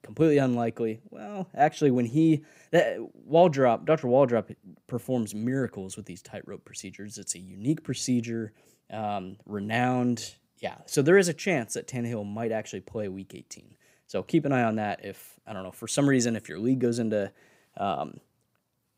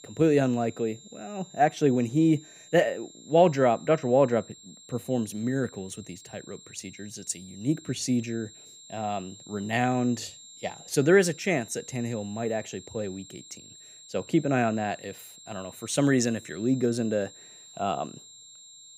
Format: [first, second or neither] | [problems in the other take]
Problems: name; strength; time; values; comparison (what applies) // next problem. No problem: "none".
first | high-pitched whine; faint; throughout; 7.5 kHz, 20 dB below the speech